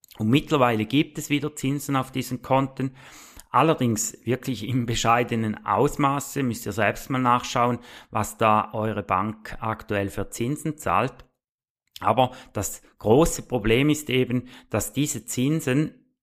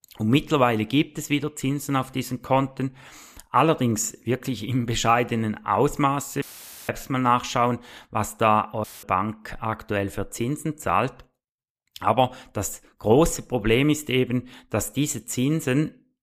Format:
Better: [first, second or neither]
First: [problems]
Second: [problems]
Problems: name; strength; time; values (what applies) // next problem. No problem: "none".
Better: first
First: none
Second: audio cutting out; filled with static; at 6.5 s and at 9 s